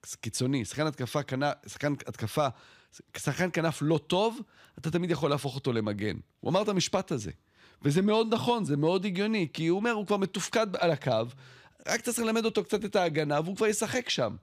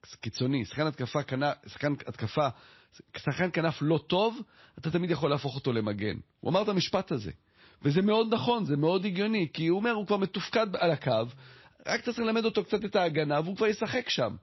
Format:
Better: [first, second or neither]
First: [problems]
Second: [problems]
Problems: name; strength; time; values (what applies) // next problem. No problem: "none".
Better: first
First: none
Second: garbled, watery; slightly; nothing above 6 kHz